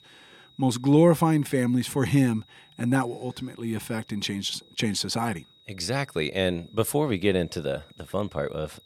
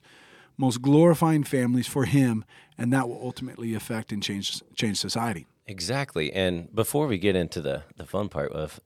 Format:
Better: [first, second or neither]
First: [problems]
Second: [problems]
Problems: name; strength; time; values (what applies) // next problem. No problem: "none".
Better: second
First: high-pitched whine; faint; throughout; 4 kHz, 30 dB below the speech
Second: none